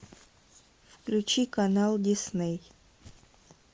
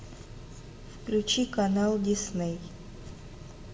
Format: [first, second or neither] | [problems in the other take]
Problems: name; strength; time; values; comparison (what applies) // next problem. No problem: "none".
first | background sound (Mechanical fan); 13 dB below the speech // room echo; dies away in 1.2 s